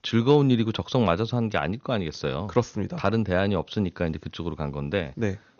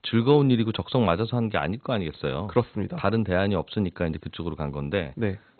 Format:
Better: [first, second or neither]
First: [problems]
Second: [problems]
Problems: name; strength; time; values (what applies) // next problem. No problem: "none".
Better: first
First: garbled, watery; slightly; nothing above 6.5 kHz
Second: garbled, watery; badly; nothing above 4 kHz